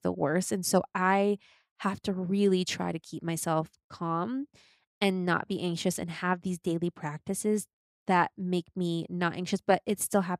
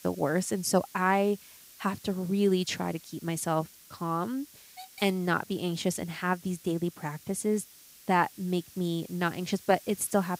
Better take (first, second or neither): first